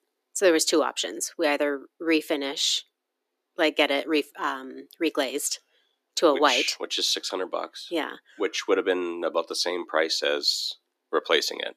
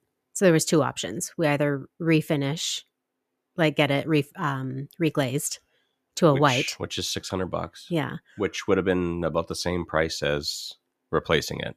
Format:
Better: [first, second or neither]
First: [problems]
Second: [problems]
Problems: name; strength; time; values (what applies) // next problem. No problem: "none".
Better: second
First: thin; somewhat; fading below 300 Hz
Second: none